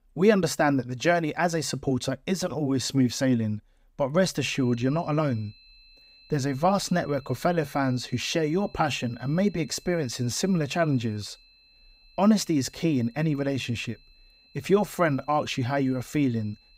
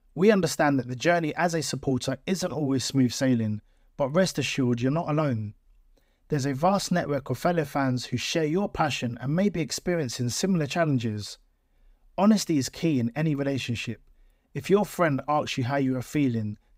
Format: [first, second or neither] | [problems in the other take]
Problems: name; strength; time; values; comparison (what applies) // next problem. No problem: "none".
second | high-pitched whine; faint; from 4.5 s on; 4 kHz, 30 dB below the speech